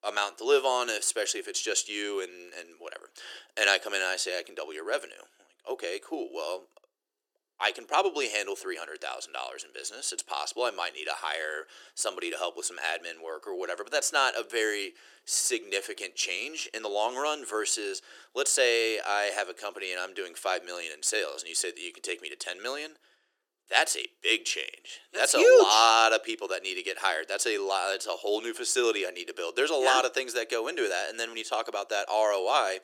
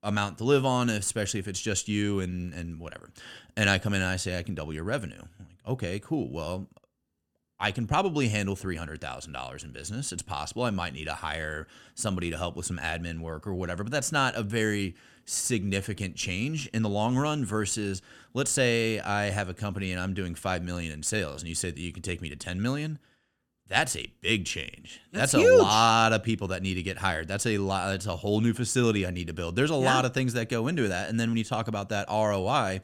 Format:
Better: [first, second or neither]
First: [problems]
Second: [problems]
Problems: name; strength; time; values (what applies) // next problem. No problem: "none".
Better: second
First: thin; very; fading below 350 Hz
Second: none